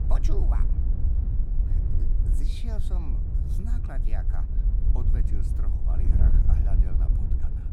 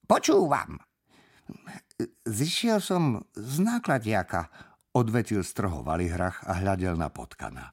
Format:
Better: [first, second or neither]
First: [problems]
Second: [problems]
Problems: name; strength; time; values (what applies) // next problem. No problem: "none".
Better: second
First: wind noise on the microphone; heavy; 1 dB above the speech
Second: none